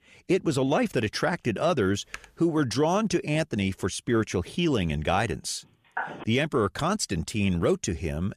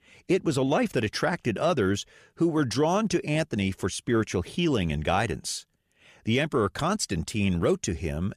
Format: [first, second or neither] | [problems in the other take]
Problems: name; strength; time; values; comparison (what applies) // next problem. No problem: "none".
second | keyboard typing; faint; at 2 s; peak 15 dB below the speech // phone ringing; noticeable; at 6 s; peak 8 dB below the speech